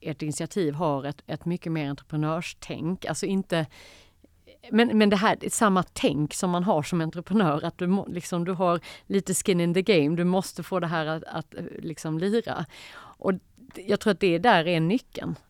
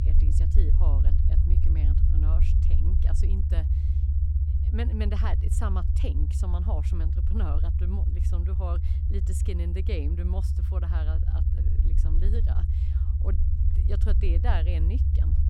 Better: first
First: none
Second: low rumble; loud; throughout; 2 dB below the speech

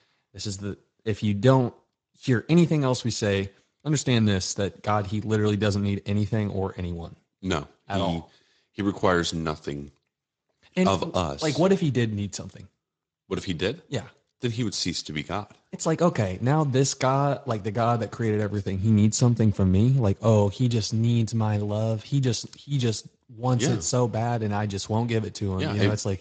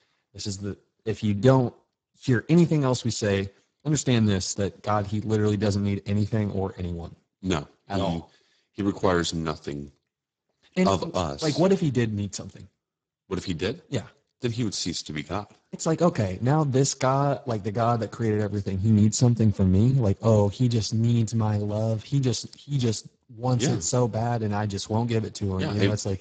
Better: first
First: garbled, watery; slightly; nothing above 7.5 kHz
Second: garbled, watery; badly; nothing above 7.5 kHz

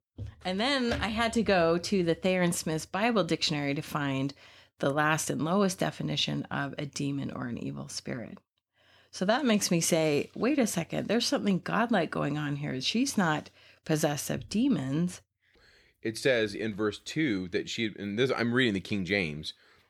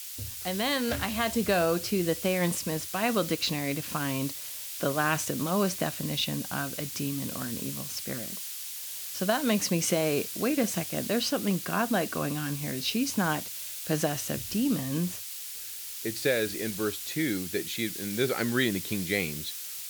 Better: first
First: none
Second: hiss; loud; throughout; 6 dB below the speech

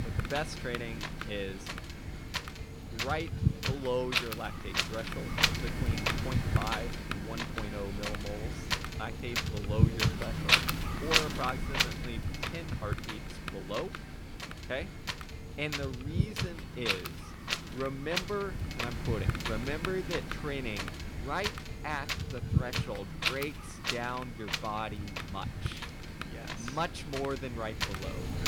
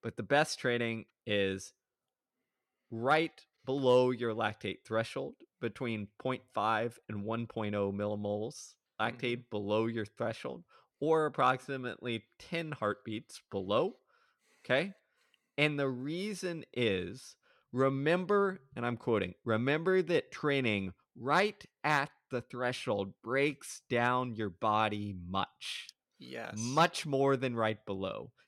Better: second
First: wind noise on the microphone; heavy; 4 dB above the speech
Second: none

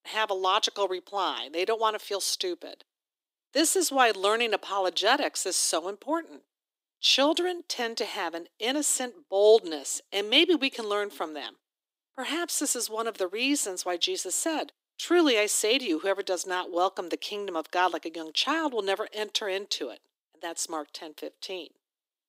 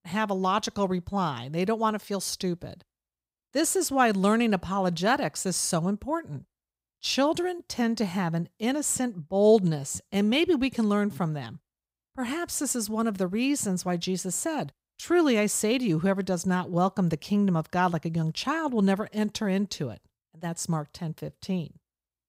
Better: second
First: thin; somewhat; fading below 300 Hz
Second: none

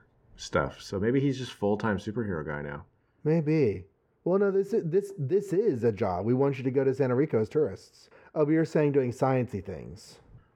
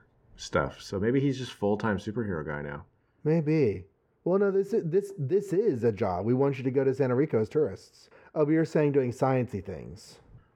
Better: neither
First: muffled; very; fading above 3 kHz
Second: muffled; very; fading above 3 kHz

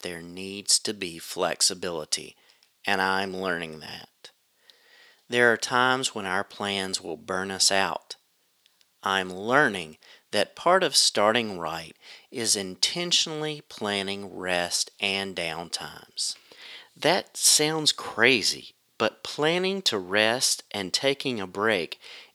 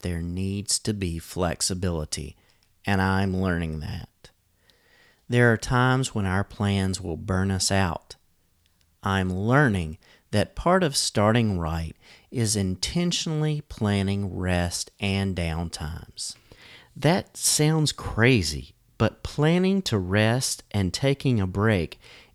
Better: second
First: thin; somewhat; fading below 400 Hz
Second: none

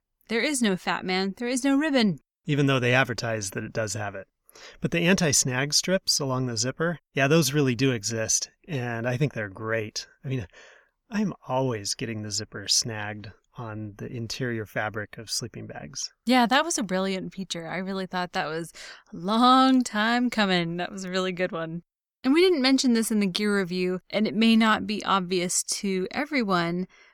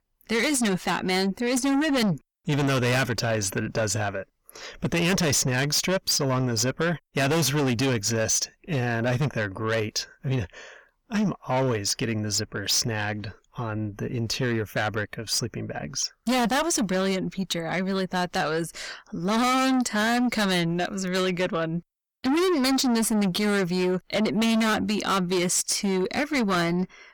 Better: first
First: none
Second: distortion; heavy; 6 dB below the speech

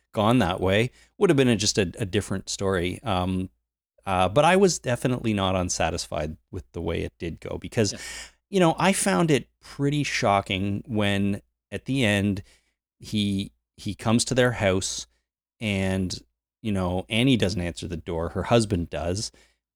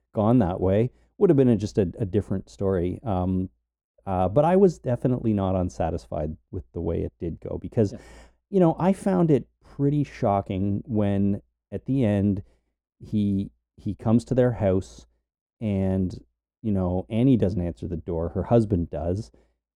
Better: first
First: none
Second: muffled; very; fading above 1 kHz

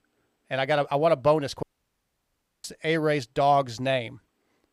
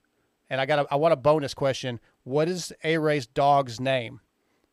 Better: second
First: audio cutting out; at 1.5 s for 1 s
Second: none

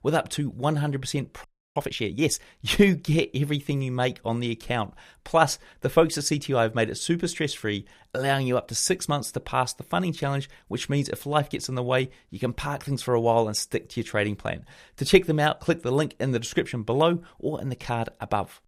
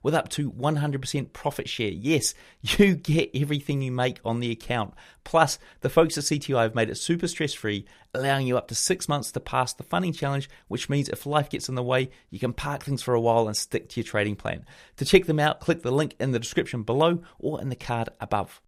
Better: second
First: audio freezing; at 1.5 s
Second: none

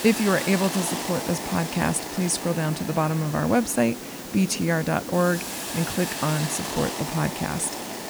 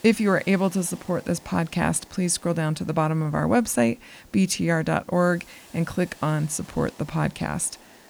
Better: second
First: hiss; loud; throughout; 6 dB below the speech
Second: hiss; faint; throughout; 25 dB below the speech

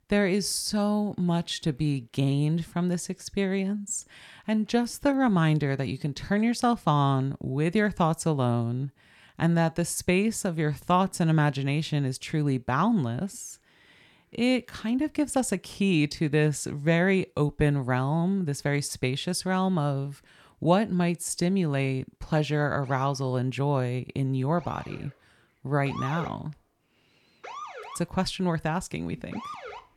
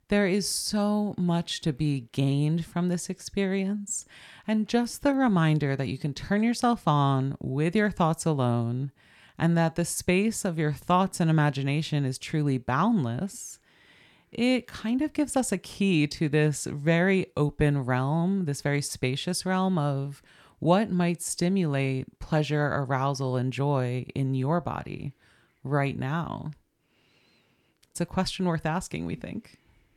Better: second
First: siren; noticeable; from 23 s on; peak 9 dB below the speech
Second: none

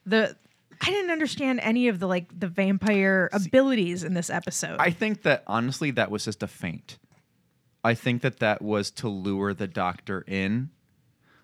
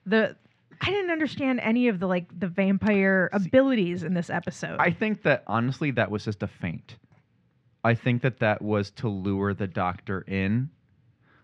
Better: first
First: none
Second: muffled; slightly; fading above 3 kHz

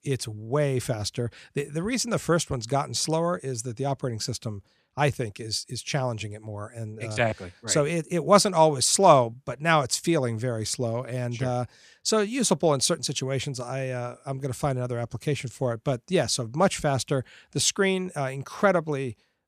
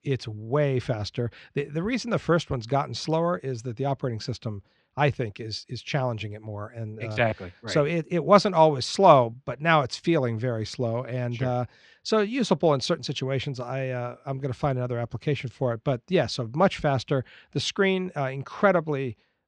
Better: first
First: none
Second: muffled; slightly; fading above 4 kHz

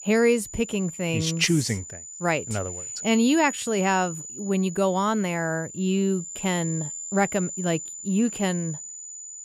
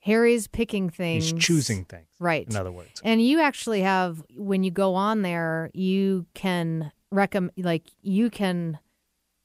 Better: second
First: high-pitched whine; loud; throughout; 7 kHz, 9 dB below the speech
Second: none

